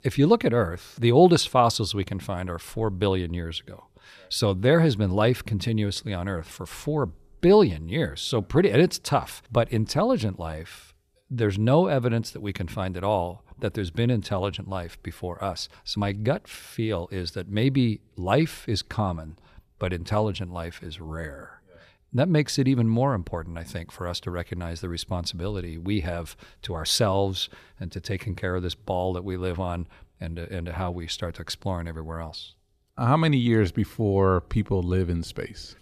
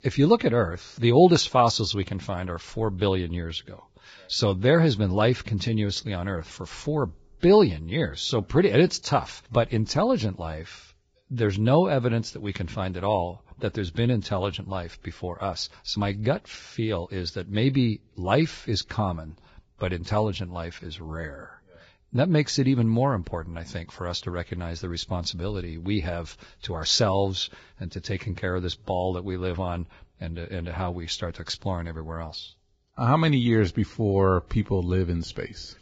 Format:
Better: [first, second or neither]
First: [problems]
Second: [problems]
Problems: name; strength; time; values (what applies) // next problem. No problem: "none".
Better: first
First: none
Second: garbled, watery; badly; nothing above 7.5 kHz